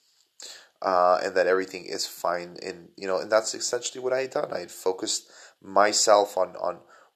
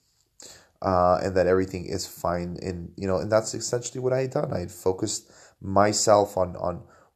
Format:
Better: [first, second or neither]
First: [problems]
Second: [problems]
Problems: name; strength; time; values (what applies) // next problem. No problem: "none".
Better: second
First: thin; somewhat; fading below 400 Hz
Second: none